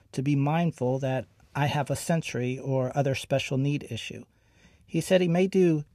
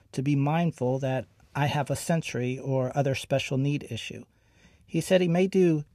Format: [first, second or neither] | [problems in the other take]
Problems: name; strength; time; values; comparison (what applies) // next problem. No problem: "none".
neither | none